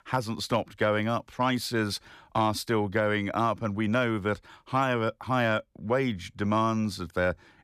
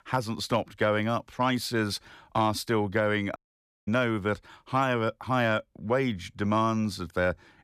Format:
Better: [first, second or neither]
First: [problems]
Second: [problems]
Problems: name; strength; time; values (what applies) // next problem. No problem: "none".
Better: first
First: none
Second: audio cutting out; at 3.5 s for 0.5 s